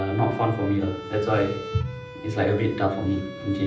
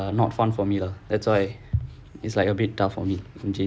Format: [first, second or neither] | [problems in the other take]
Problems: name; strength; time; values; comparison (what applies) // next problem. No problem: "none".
second | background sound (Bowed string instrument); 12 dB below the speech // room echo; dies away in 0.6 s